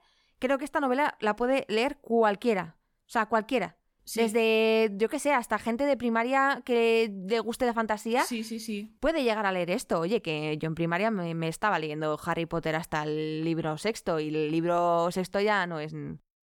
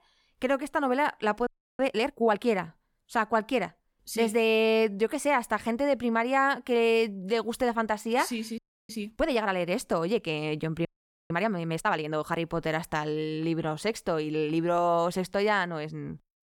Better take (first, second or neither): first